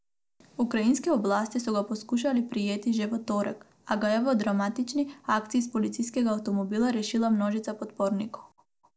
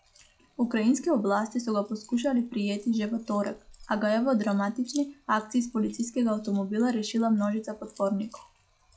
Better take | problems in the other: first | noise reduction (classical method log-MMSE)

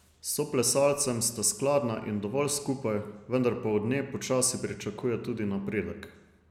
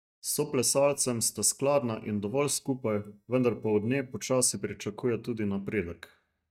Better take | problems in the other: first | noise reduction (neural mask model DeepFilterNet 3)

